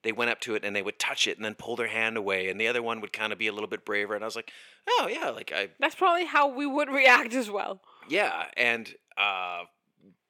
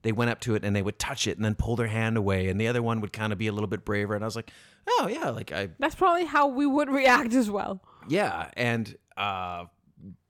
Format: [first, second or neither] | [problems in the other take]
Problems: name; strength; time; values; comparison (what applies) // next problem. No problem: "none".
second | thin; somewhat; fading below 400 Hz